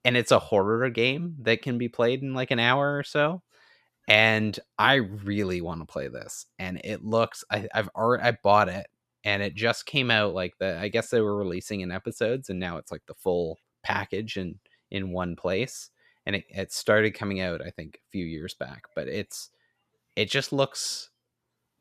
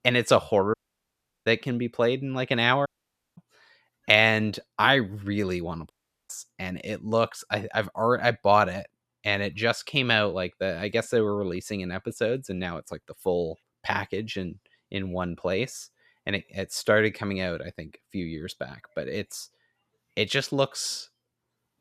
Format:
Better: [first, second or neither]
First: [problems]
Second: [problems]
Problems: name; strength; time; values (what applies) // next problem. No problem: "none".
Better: first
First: none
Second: audio cutting out; at 0.5 s for 0.5 s, at 3 s for 0.5 s and at 6 s